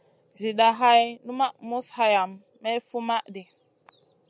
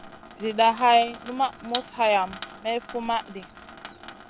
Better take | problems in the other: first | background sound (Sink (filling or washing) / Water tap, faucet); 15 dB below the speech

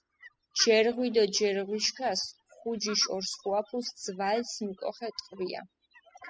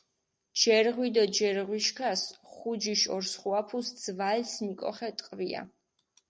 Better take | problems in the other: second | noise reduction (classical method spectral subtraction)

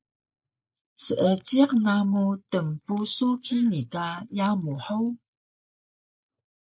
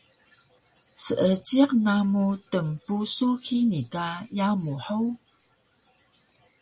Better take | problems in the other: second | noise reduction (neural mask model Resemble Enhance denoiser)

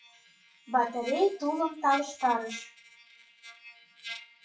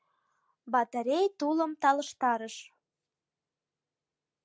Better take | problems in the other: second | noise reduction (classical method WPE with log-MMSE)

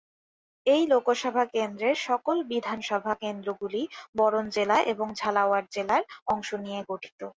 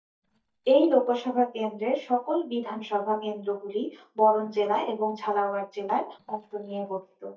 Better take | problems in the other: first | noise reduction (neural mask model DeepFilterNet 3)

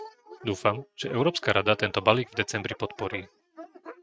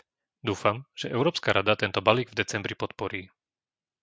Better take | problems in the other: second | noise reduction (neural mask model RNNoise)

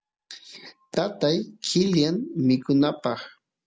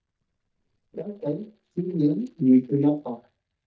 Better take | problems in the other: first | noise reduction (neural mask model DeepFilterNet 3)

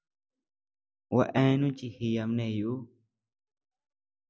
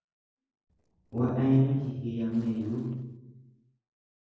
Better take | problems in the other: first | noise reduction (neural separator model SepFormer DNS4)

